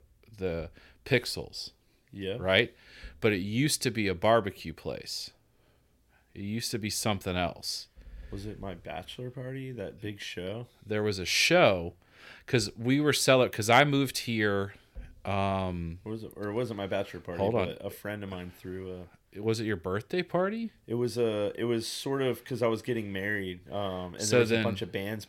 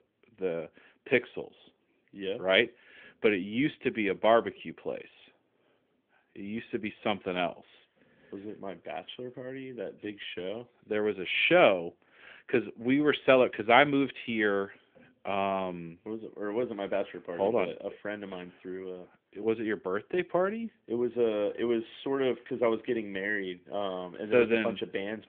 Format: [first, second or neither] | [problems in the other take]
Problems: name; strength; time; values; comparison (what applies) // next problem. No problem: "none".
first | phone-call audio; nothing above 3.5 kHz